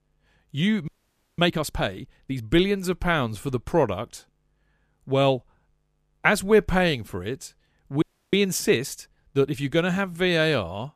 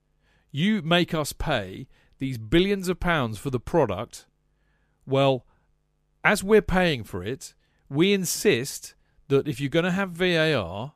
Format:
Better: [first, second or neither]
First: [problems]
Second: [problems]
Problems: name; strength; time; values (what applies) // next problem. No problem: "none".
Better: second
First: audio freezing; at 1 s and at 8 s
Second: none